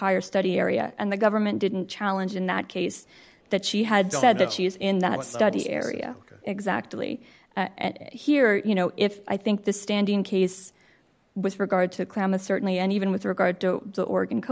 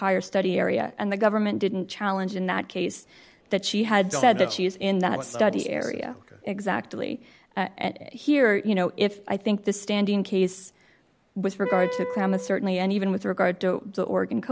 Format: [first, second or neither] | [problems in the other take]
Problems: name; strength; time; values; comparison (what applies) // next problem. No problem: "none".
first | background sound (Wind instrument, woodwind instrument); 7 dB below the speech